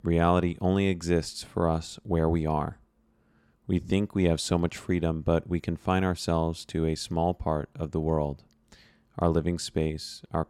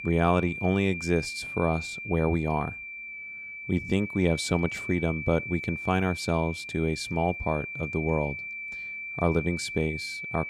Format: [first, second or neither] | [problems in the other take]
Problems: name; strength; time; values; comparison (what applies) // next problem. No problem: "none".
first | high-pitched whine; loud; throughout; 2.5 kHz, 7 dB below the speech